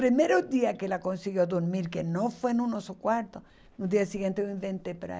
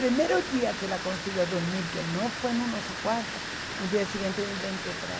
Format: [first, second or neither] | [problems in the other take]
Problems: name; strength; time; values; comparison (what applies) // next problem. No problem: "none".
first | background sound (Water); 5 dB below the speech